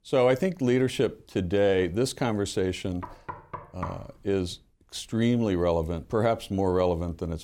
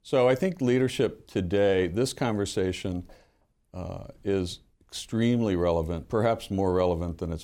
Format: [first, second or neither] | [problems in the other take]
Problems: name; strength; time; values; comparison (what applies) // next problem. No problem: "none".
second | door banging; faint; at 3 s; peak 10 dB below the speech